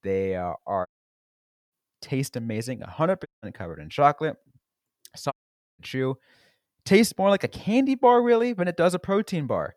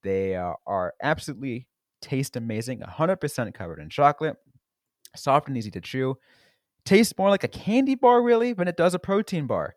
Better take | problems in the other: second | audio cutting out; at 1 s for 1 s, at 3.5 s and at 5.5 s

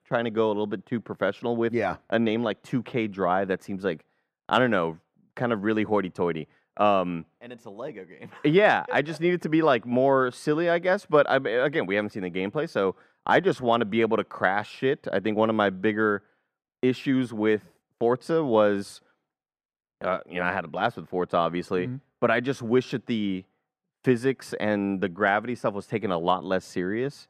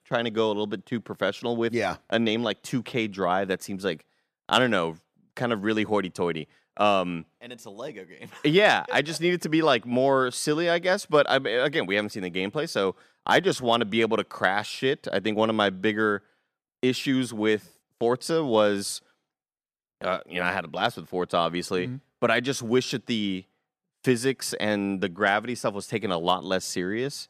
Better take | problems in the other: second | muffled; slightly; fading above 3 kHz

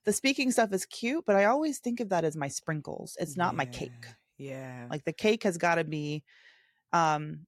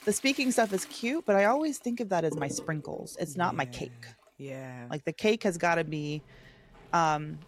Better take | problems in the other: first | household noises; noticeable; throughout; 20 dB below the speech

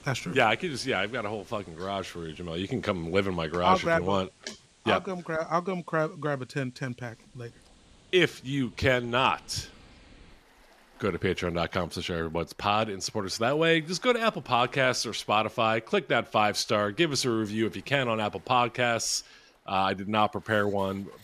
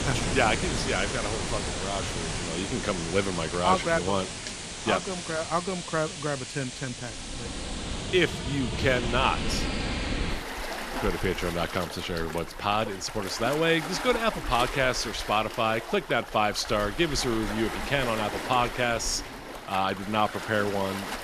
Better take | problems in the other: first | rain or running water; loud; throughout; 6 dB below the speech; faint in the first

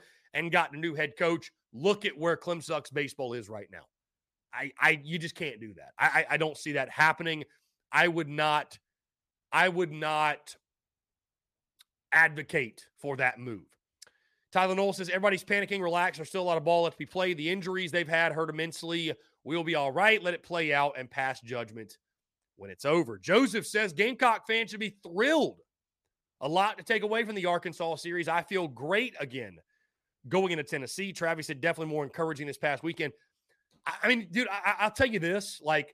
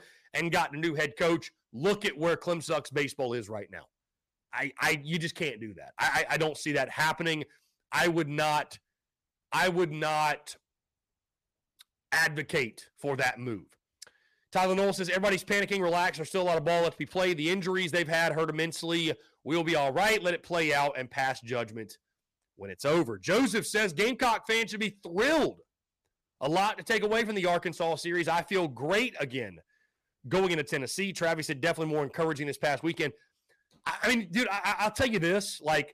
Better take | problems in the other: first | distortion; heavy; 7% of the sound clipped

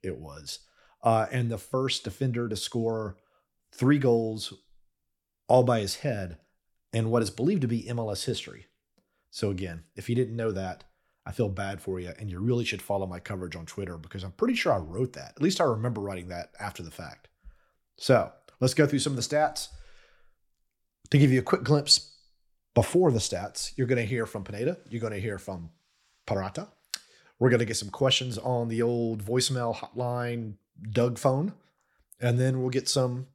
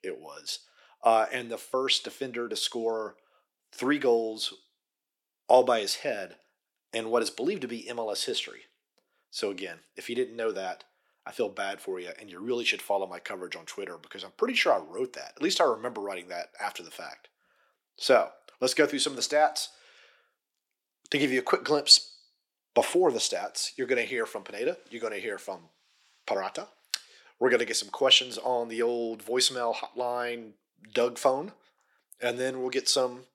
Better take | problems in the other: first | thin; somewhat; fading below 350 Hz

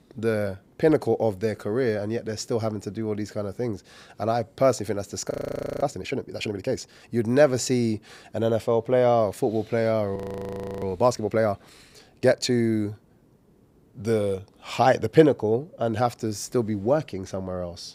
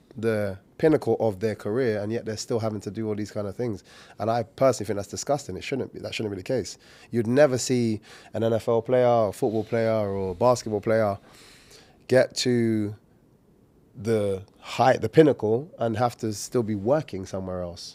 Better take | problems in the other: second | audio freezing; at 5.5 s for 0.5 s and at 10 s for 0.5 s

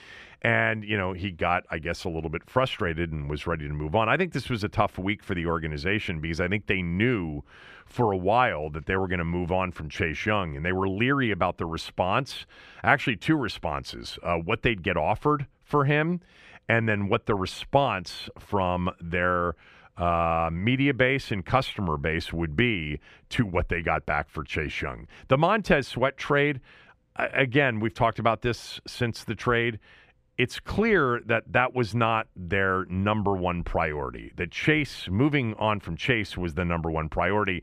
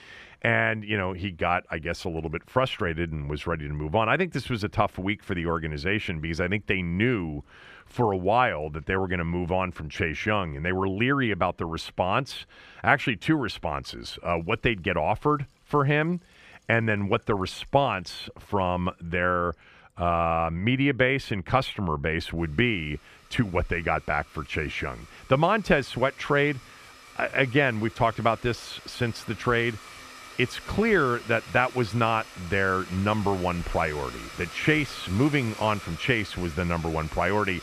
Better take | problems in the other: first | household noises; noticeable; throughout; 15 dB below the speech

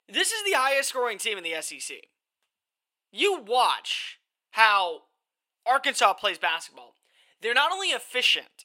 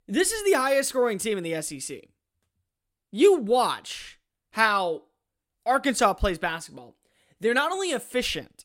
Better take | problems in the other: second | thin; very; fading below 550 Hz

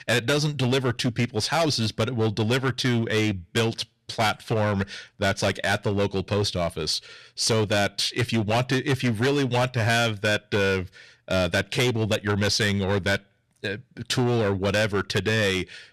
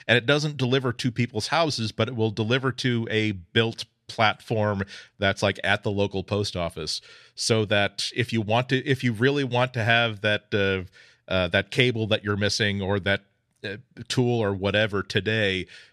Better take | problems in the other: second | distortion; heavy; 14% of the sound clipped

